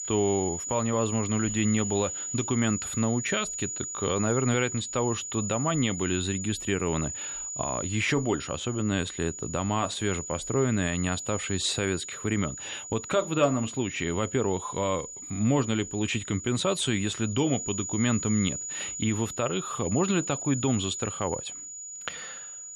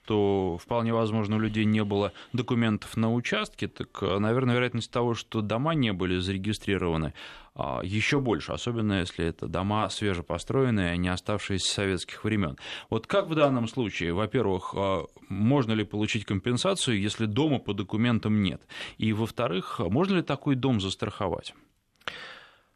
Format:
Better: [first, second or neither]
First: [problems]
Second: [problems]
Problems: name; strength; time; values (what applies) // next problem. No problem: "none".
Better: second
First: high-pitched whine; loud; throughout; 7 kHz, 6 dB below the speech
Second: none